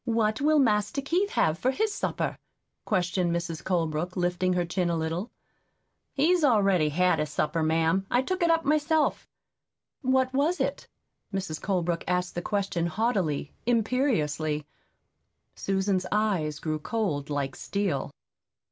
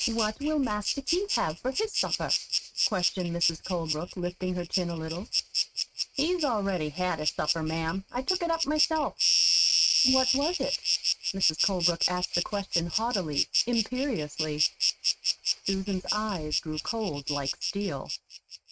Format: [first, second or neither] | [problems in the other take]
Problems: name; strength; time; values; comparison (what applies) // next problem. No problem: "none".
first | noise reduction (neural mask model RNNoise)